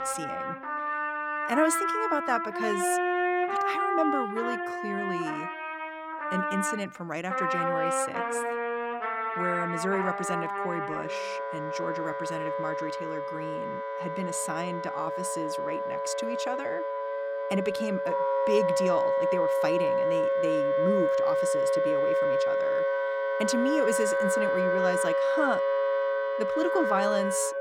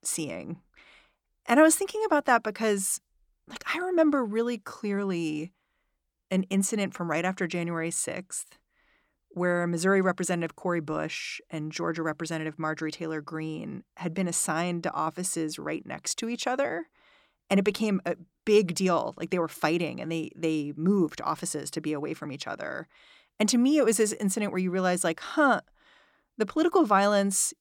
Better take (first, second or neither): second